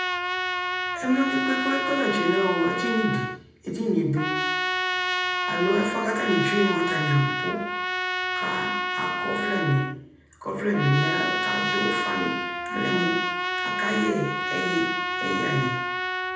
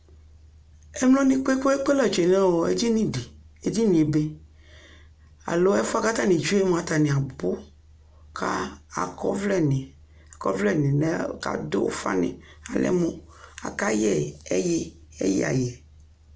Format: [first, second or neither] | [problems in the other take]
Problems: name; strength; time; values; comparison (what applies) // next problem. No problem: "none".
second | background sound (Trumpet); 1 dB below the speech // room echo; dies away in 0.8 s